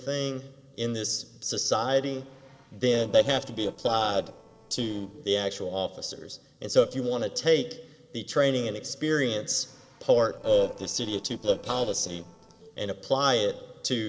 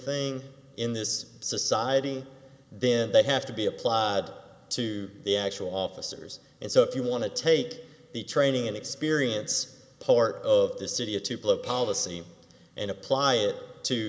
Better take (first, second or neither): second